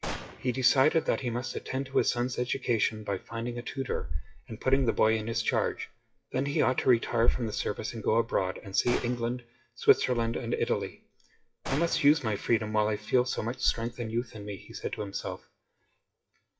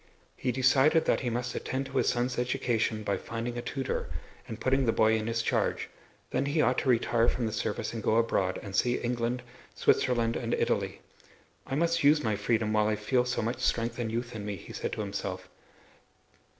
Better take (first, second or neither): second